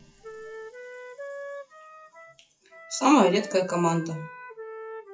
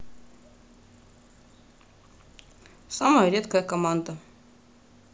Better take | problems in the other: second | noise reduction (classical method WPE with log-MMSE)

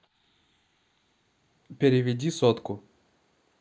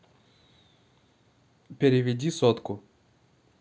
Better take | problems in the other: second | noise reduction (neural mask model Resemble Enhance denoiser)

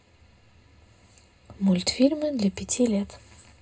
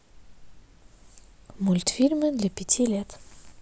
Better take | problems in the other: second | room echo; dies away in 0.2 s

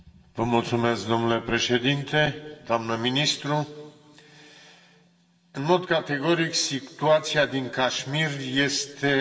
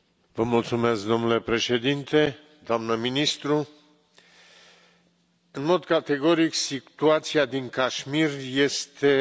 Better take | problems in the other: second | room echo; dies away in 2.1 s

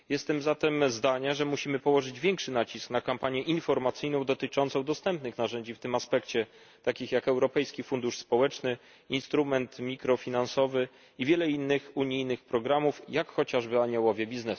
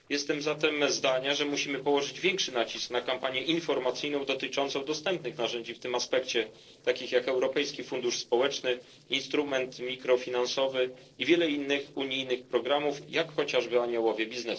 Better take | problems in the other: first | noise reduction (neural separator model SepFormer DNS4)

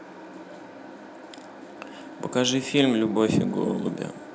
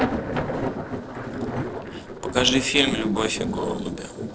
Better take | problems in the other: first | noise reduction (neural separator model SepFormer DNS4)

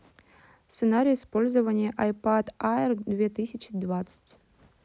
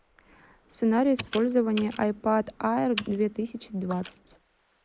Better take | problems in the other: first | noise reduction (neural mask model Resemble Enhance denoiser)

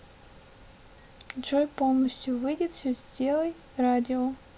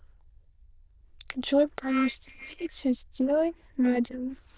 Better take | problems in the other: first | noise reduction (neural diffusion model UNIVERSE++)

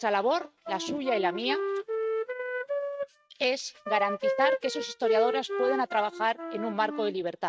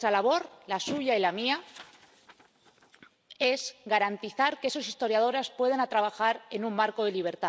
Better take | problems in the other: second | noise reduction (neural mask model RNNoise)

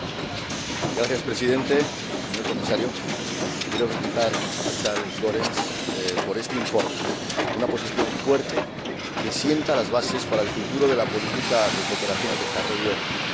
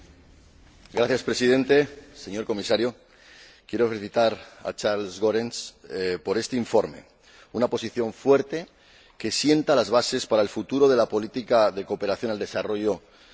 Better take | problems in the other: second | background sound (Hiss); 1 dB below the speech

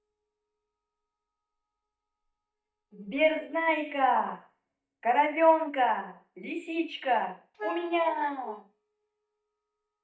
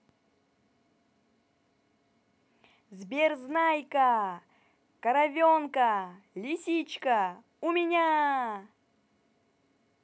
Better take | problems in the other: second | noise reduction (neural mask model DeepFilterNet 3)

